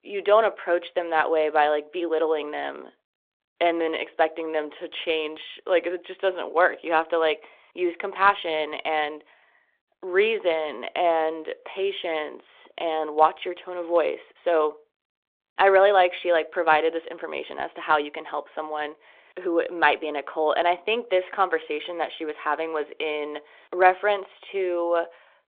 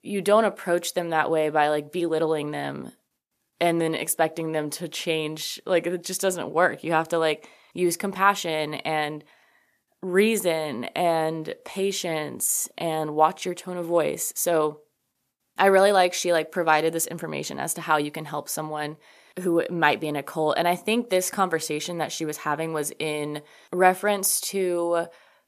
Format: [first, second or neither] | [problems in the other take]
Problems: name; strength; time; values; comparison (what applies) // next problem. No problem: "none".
second | phone-call audio